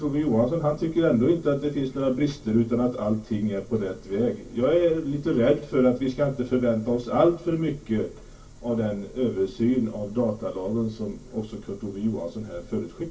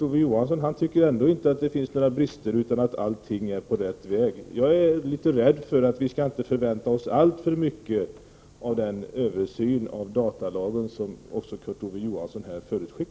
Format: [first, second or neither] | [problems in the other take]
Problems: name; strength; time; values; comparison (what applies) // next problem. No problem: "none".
second | room echo; dies away in 0.2 s